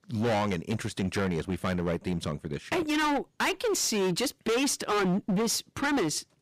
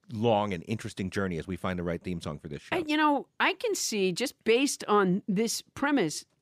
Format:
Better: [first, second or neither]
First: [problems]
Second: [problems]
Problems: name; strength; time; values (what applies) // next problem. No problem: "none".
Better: second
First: distortion; heavy; 21% of the sound clipped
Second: none